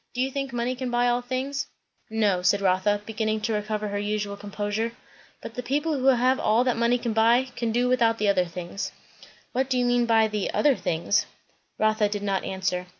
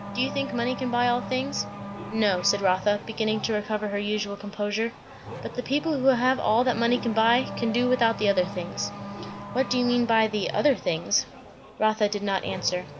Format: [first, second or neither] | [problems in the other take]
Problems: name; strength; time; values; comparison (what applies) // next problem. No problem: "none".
first | background sound (Race car, auto racing / Accelerating, revving, vroom); 12 dB below the speech